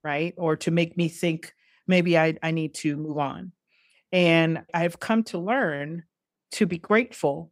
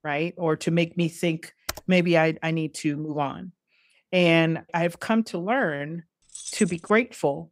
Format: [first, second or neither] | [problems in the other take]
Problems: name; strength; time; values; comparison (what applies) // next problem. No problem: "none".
first | keyboard typing; faint; at 1.5 s; peak 10 dB below the speech // jangling keys; faint; at 6.5 s; peak 10 dB below the speech